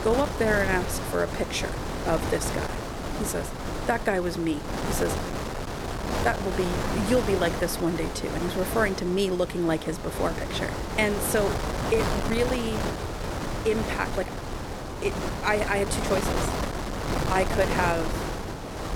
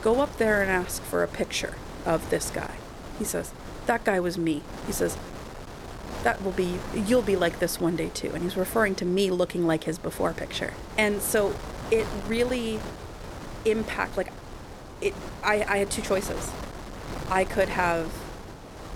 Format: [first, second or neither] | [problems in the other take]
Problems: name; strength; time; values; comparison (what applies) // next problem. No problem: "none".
second | wind noise on the microphone; heavy; 4 dB below the speech; occasional gusts in the second